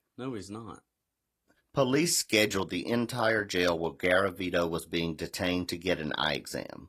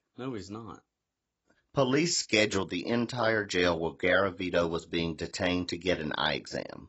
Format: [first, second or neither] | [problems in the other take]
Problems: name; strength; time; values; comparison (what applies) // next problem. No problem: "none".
first | garbled, watery; badly; nothing above 7.5 kHz; slightly in the first